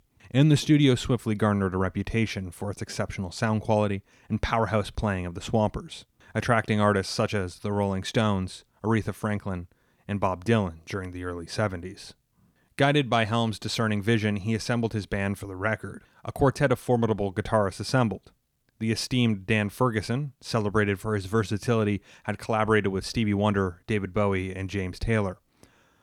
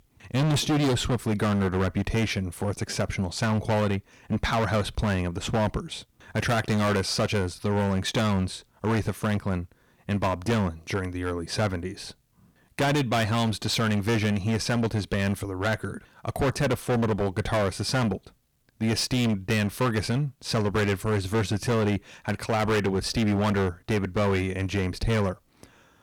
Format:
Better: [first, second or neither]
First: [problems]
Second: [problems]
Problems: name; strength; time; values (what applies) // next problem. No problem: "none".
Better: first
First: none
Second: distortion; heavy; 16% of the sound clipped